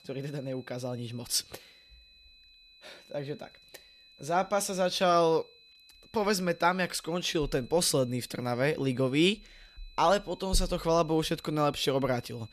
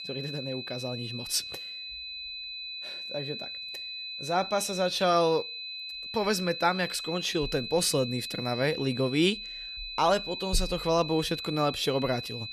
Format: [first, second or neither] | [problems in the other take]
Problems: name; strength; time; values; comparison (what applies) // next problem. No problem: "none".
first | high-pitched whine; loud; throughout; 4 kHz, 7 dB below the speech; faint in the first